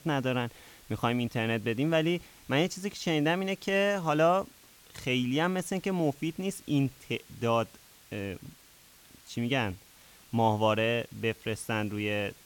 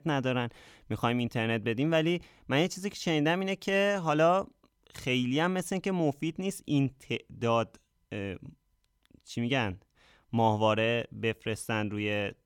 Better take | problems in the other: second | hiss; faint; throughout; 25 dB below the speech

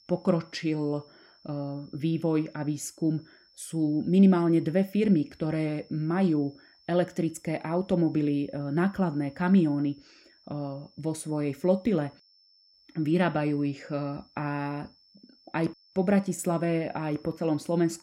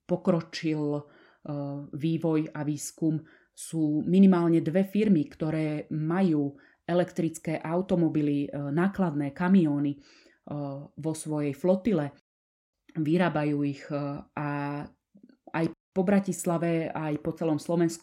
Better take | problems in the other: second | high-pitched whine; faint; throughout; 5.5 kHz, 30 dB below the speech

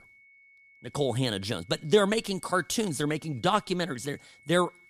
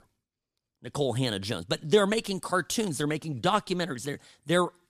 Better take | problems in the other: second | high-pitched whine; faint; throughout; 2 kHz, 30 dB below the speech

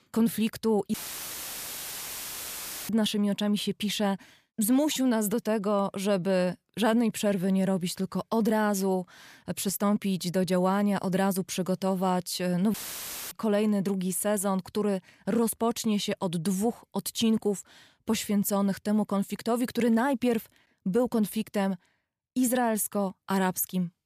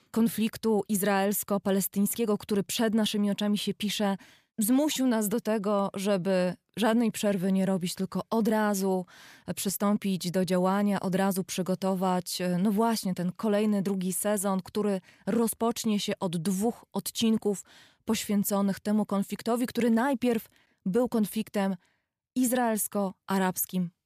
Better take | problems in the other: second | audio cutting out; filled with static; at 1 s for 2 s and at 13 s for 0.5 s

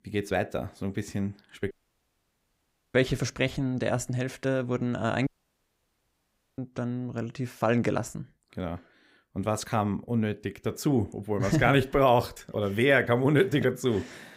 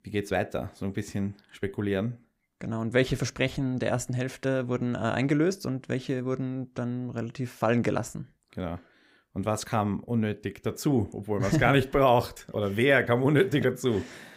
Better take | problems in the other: second | audio cutting out; at 1.5 s for 1 s and at 5.5 s for 1.5 s

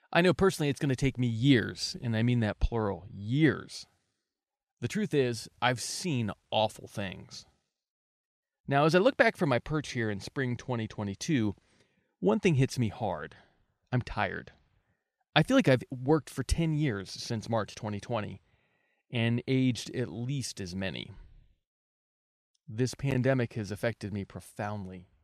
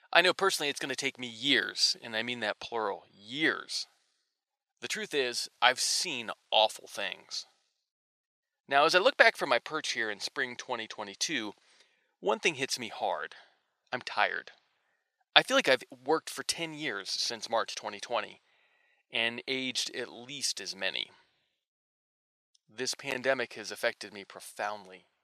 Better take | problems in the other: first | thin; very; fading below 650 Hz

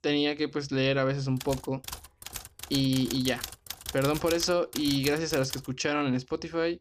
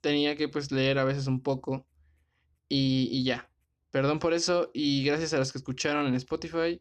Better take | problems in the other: second | keyboard typing; noticeable; from 1.5 to 5.5 s; peak 7 dB below the speech

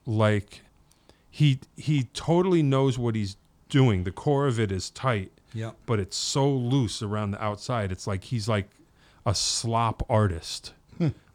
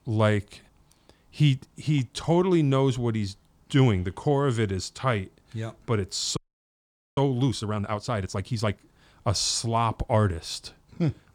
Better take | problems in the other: first | audio freezing; at 6.5 s for 1 s

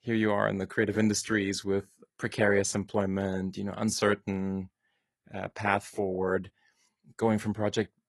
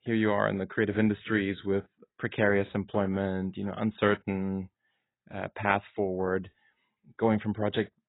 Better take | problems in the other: first | garbled, watery; badly; nothing above 4 kHz; slightly in the first

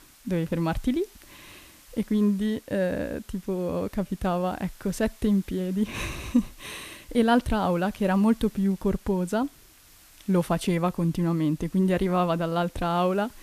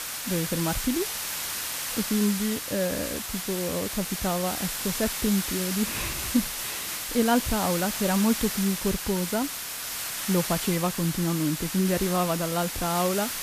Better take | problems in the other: first | hiss; loud; throughout; 2 dB below the speech; faint in the first

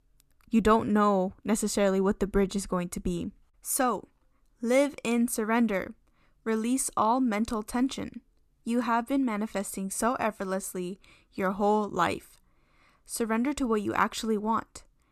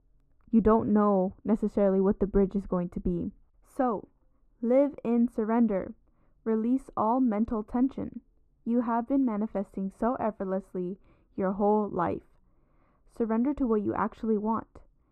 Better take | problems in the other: first | muffled; very; fading above 2 kHz

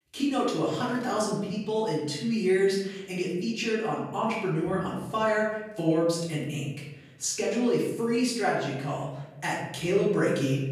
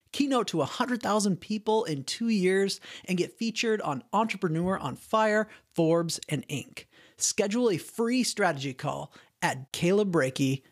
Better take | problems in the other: second | off-mic speech; far // room echo; noticeable; dies away in 0.9 s

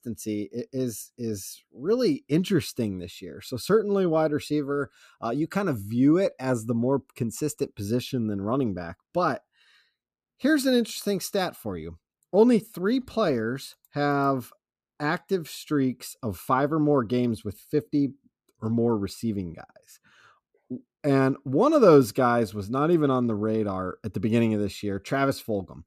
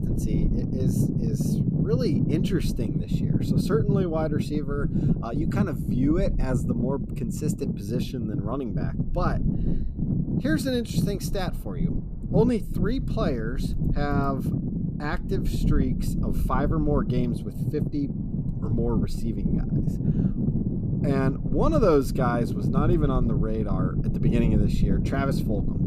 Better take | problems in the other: first | low rumble; loud; throughout; 5 dB below the speech

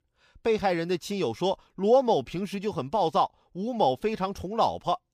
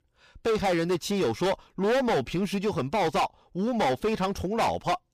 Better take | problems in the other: first | distortion; heavy; 17% of the sound clipped

